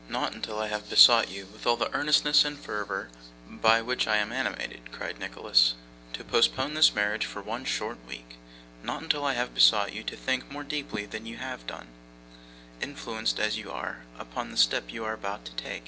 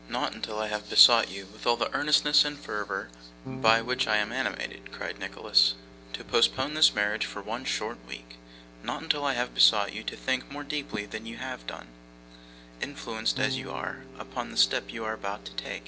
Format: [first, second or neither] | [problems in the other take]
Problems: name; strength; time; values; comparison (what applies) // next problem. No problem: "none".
first | background sound (Electric guitar / Bass guitar); 19 dB below the speech